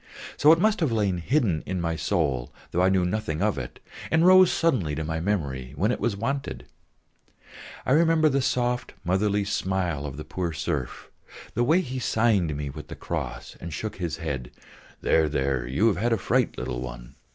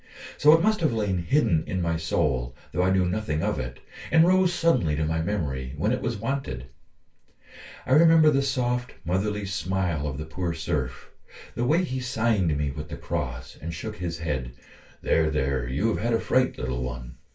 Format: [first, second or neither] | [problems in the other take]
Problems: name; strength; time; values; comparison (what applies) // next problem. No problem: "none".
first | room echo; dies away in 0.2 s